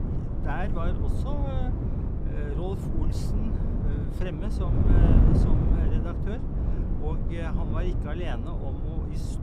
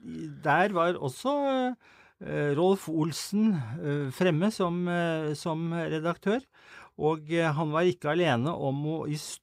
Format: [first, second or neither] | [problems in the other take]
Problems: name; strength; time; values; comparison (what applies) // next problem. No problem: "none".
second | wind noise on the microphone; heavy; 1 dB above the speech